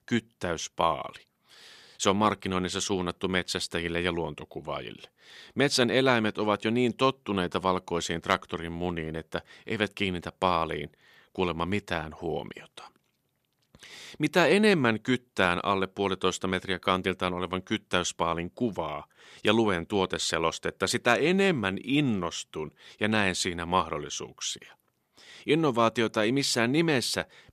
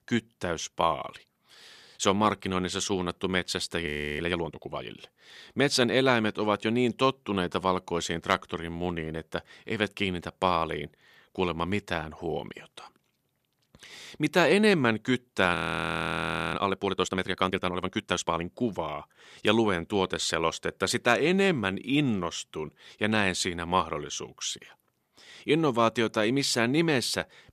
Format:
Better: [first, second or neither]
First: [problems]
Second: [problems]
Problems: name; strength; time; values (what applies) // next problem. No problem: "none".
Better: first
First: none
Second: audio freezing; at 4 s and at 16 s for 1 s